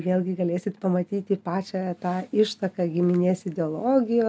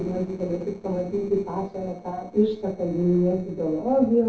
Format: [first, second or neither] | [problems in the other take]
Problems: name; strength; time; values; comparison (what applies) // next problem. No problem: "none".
first | noise reduction (neural separator model SepFormer DNS4)